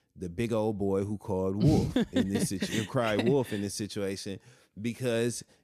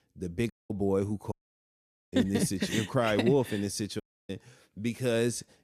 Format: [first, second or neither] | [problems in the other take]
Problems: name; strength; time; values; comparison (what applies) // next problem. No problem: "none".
first | audio cutting out; at 0.5 s, at 1.5 s for 1 s and at 4 s